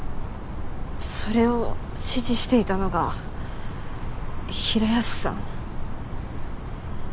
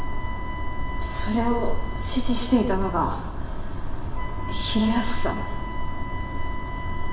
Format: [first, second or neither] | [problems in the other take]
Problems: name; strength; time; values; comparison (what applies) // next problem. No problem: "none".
first | background sound (Wind instrument, woodwind instrument); 15 dB below the speech // room echo; dies away in 1.2 s